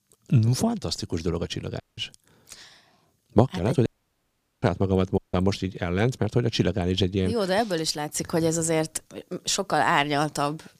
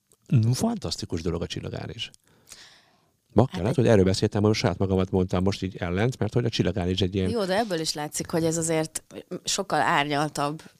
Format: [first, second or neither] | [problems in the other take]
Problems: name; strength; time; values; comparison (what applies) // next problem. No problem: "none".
second | audio cutting out; at 2 s, at 4 s for 1 s and at 5 s